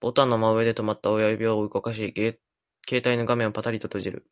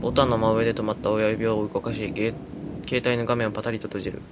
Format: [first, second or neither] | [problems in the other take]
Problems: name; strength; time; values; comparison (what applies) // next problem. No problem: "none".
first | background sound (Thunder / Rain); 9 dB below the speech